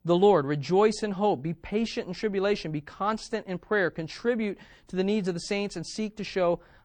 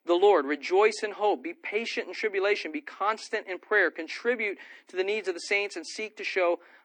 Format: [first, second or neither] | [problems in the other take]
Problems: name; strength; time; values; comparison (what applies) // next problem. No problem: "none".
first | thin; somewhat; fading below 250 Hz